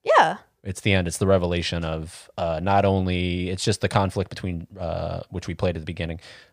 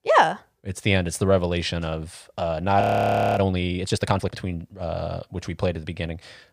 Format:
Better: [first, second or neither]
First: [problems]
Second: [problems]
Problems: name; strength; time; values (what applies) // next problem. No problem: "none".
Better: first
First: none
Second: audio freezing; at 3 s for 0.5 s